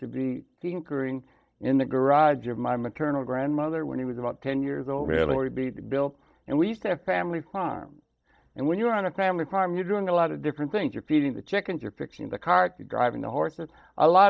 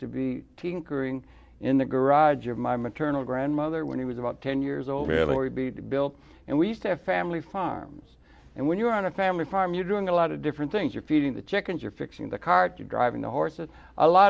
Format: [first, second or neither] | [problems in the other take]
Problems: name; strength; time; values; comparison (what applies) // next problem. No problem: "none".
second | noise reduction (neural mask model DeepFilterNet 3)